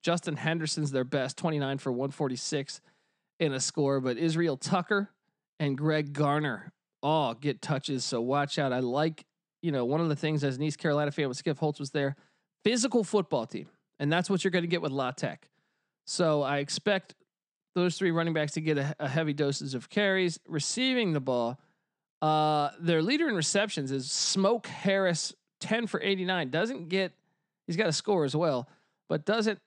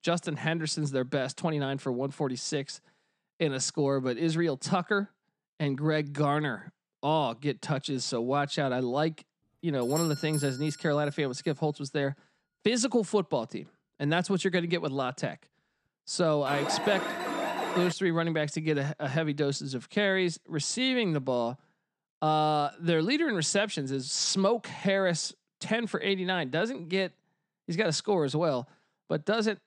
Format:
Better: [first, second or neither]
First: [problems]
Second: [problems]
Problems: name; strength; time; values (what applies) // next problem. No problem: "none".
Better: first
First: none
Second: doorbell; noticeable; at 10 s; peak 7 dB below the speech // alarm; noticeable; from 16 to 18 s; peak 2 dB below the speech